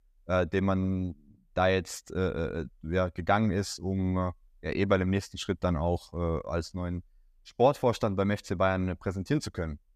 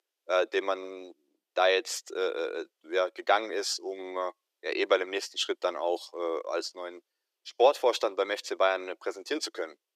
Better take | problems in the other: first | thin; very; fading below 350 Hz

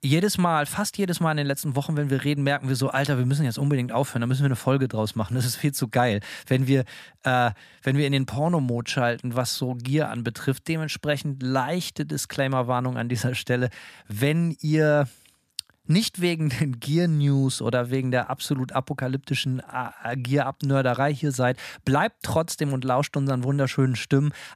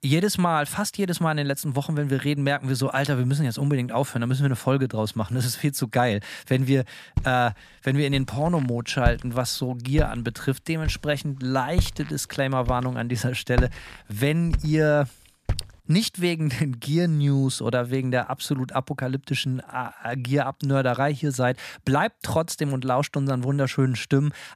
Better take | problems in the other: first | footsteps; noticeable; from 7 to 16 s; peak 3 dB below the speech

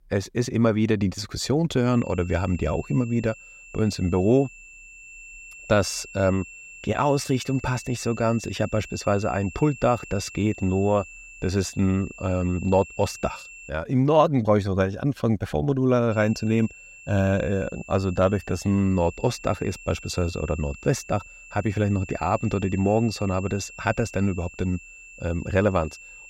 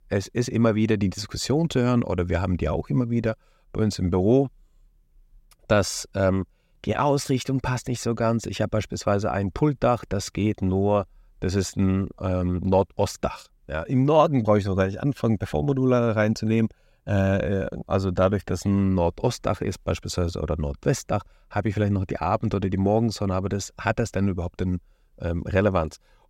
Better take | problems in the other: second | high-pitched whine; noticeable; from 2 to 14 s and from 16 s on; 2.5 kHz, 15 dB below the speech

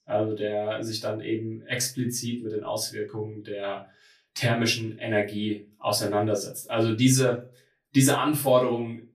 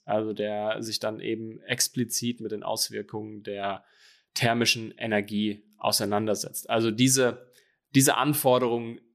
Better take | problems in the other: second | off-mic speech; far // room echo; very slight; dies away in 0.2 s

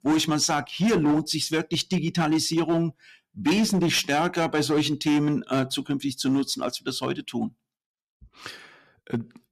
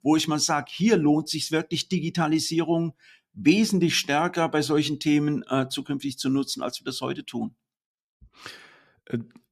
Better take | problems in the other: second | distortion; slight; 8% of the sound clipped

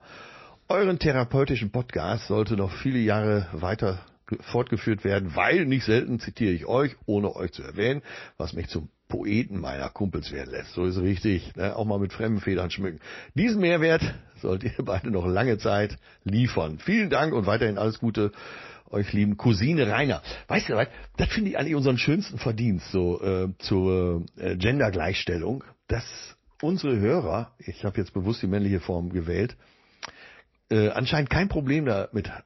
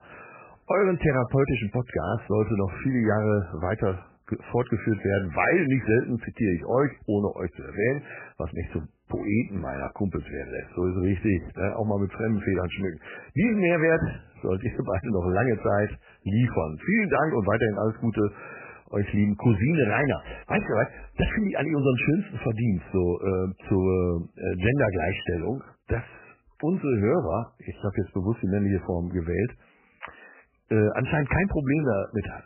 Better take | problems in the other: first | garbled, watery; badly; nothing above 2.5 kHz; slightly in the first

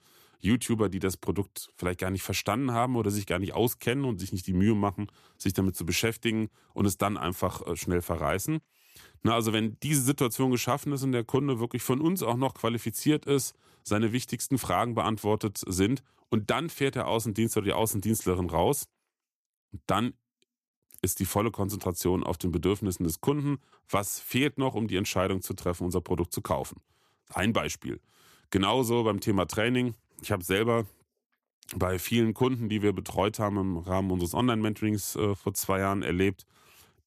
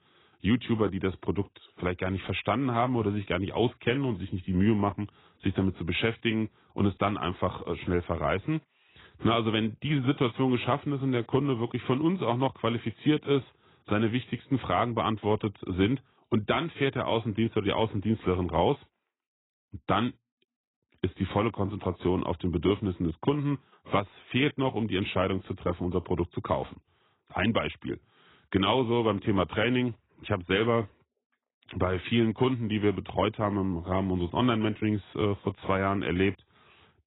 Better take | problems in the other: first | garbled, watery; badly; nothing above 3.5 kHz

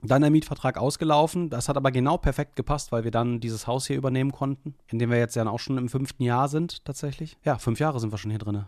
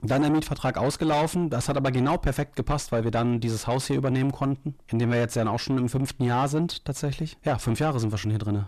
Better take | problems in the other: first | distortion; heavy; 7 dB below the speech

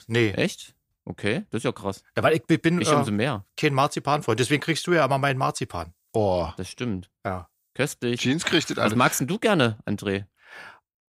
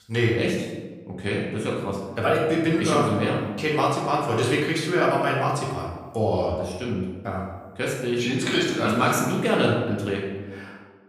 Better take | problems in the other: first | room echo; noticeable; dies away in 1.1 s // off-mic speech; far

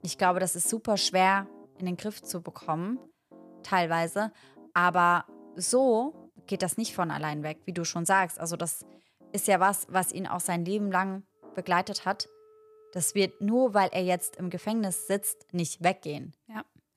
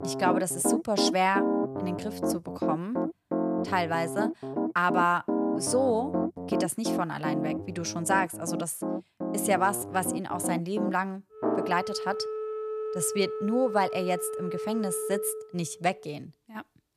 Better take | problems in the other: first | background music; loud; throughout; 3 dB below the speech; faint in the first

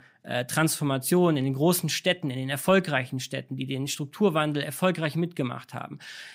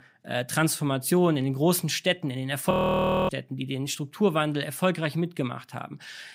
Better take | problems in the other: first | audio freezing; at 2.5 s for 0.5 s

